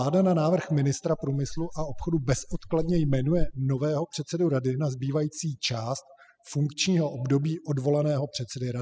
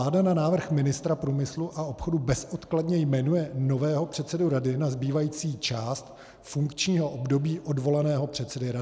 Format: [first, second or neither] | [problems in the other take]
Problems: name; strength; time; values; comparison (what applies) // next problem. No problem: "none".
second | noise reduction (classical method spectral subtraction)